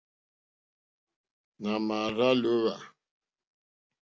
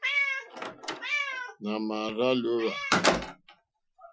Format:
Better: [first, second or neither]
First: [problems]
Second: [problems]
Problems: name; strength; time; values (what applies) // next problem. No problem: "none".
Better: first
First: none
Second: noise reduction (classical method Wiener filter)